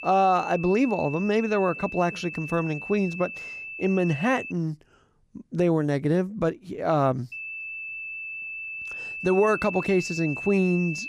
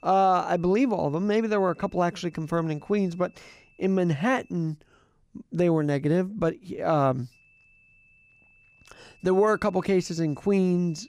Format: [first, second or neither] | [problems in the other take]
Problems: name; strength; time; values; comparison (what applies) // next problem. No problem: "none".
second | high-pitched whine; loud; until 4.5 s and from 7.5 s on; 2.5 kHz, 9 dB below the speech; faint in the second